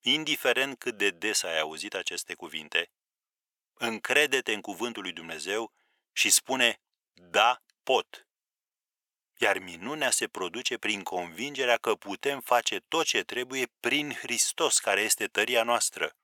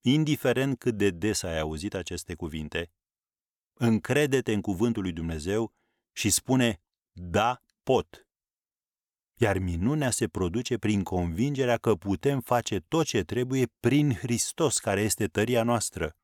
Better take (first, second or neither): second